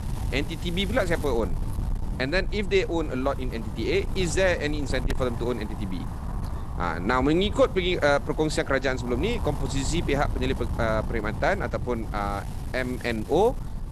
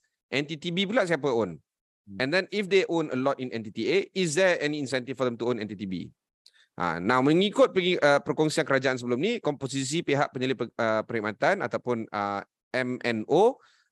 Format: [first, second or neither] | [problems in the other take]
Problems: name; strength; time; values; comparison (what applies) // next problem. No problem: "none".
second | wind noise on the microphone; occasional gusts; 15 dB below the speech